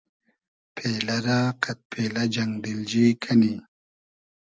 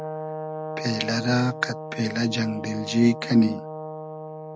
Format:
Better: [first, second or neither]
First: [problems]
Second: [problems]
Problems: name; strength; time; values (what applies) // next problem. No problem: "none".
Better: first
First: none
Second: background sound (Brass instrument); 9 dB below the speech